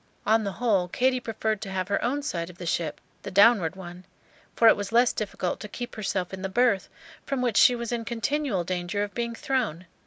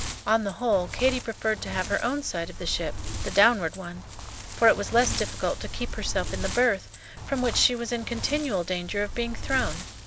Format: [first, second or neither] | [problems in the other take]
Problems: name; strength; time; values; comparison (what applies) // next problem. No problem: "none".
first | background sound (Wind); 8 dB below the speech